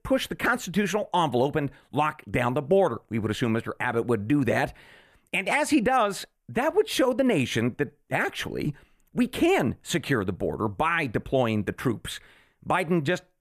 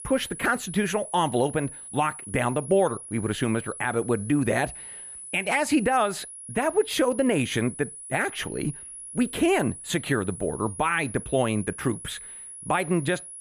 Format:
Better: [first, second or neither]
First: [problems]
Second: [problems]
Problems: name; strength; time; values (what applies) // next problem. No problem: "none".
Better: first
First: none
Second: high-pitched whine; noticeable; throughout; 10 kHz, 10 dB below the speech